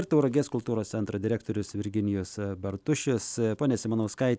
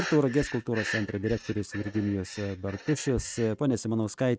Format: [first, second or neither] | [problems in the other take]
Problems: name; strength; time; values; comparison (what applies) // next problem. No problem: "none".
first | noise reduction (neural mask model RNNoise)